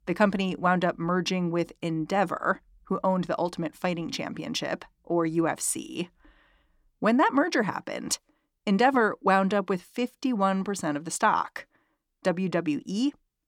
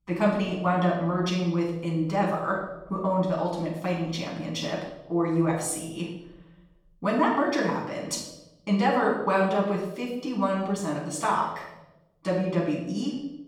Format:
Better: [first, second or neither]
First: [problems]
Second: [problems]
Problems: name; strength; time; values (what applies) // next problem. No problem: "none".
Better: first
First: none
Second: room echo; noticeable; dies away in 0.8 s // off-mic speech; far